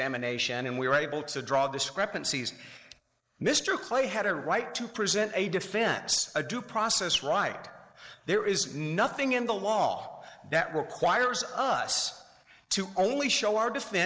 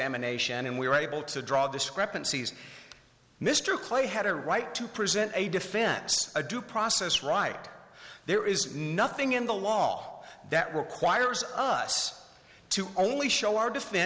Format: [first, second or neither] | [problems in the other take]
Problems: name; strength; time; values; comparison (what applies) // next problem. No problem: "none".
second | noise reduction (neural mask model Resemble Enhance denoiser)